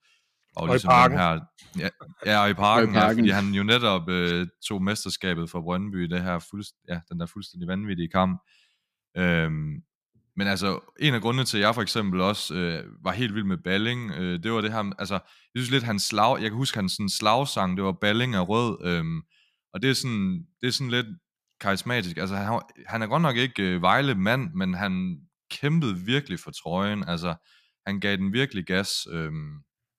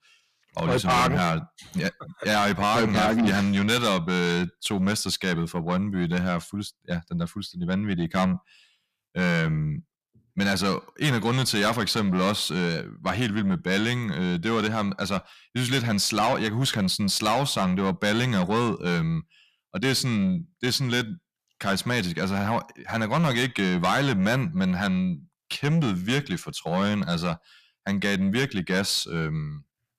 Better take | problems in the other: first | distortion; heavy; 7 dB below the speech

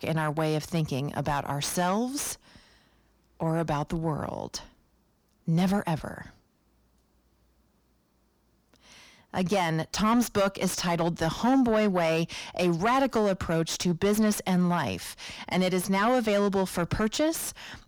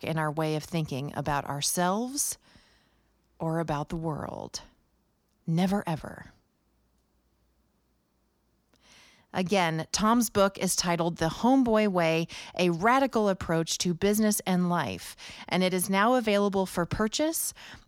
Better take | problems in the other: second | distortion; slight; 10 dB below the speech

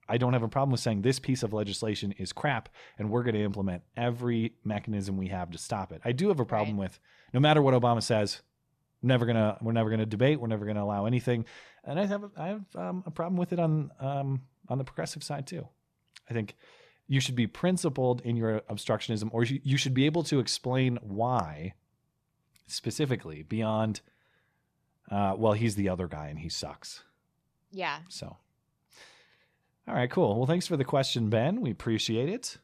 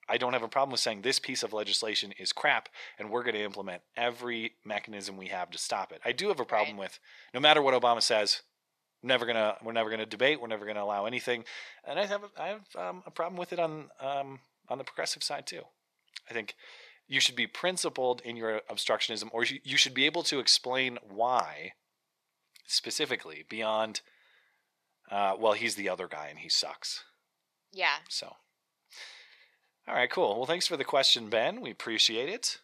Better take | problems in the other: first | thin; very; fading below 550 Hz

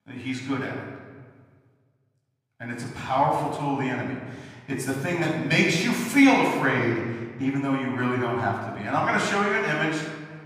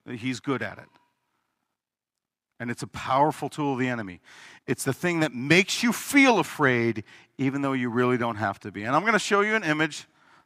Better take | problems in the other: second | off-mic speech; far // room echo; noticeable; dies away in 1.3 s

